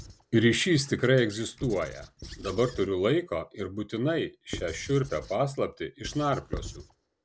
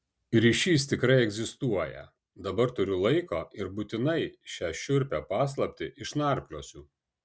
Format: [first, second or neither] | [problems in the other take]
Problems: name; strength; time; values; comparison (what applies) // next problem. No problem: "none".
second | background sound (Squeak / Writing); 16 dB below the speech